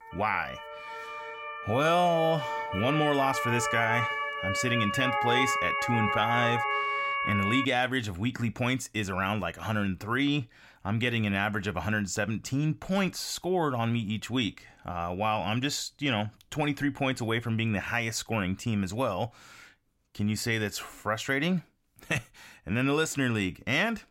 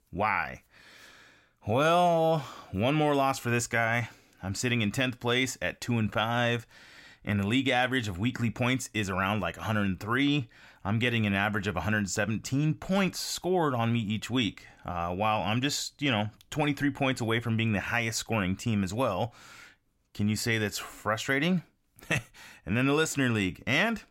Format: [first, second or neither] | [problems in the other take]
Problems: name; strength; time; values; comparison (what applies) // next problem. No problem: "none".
second | siren; loud; until 7.5 s; peak 2 dB above the speech